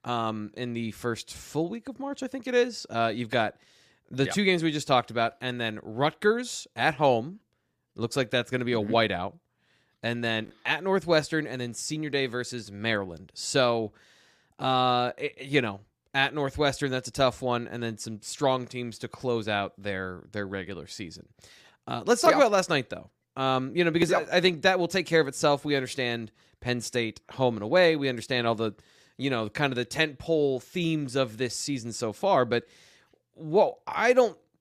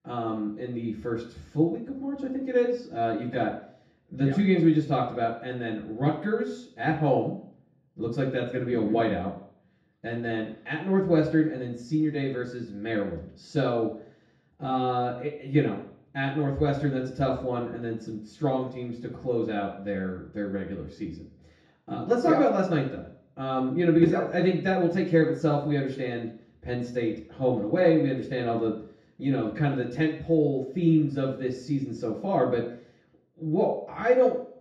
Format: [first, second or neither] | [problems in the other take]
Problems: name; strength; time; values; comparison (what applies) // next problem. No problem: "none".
first | room echo; noticeable; dies away in 0.6 s // off-mic speech; far